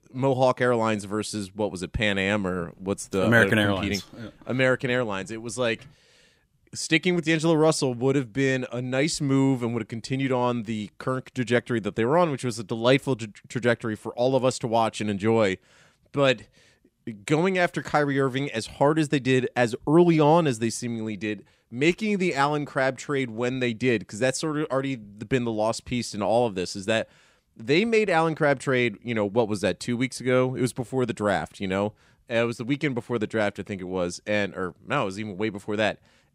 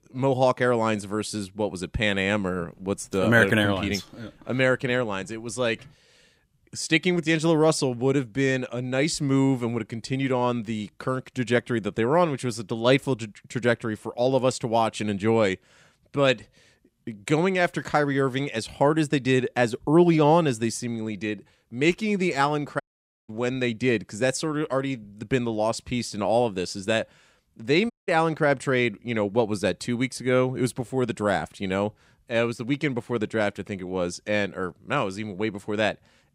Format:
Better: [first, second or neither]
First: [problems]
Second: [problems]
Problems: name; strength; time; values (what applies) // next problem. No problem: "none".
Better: first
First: none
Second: audio cutting out; at 23 s and at 28 s